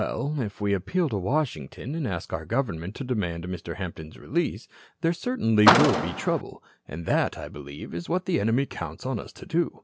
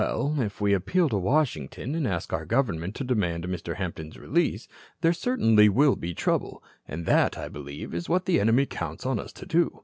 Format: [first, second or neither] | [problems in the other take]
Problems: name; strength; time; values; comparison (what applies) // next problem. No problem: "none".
second | background sound (Car); 2 dB above the speech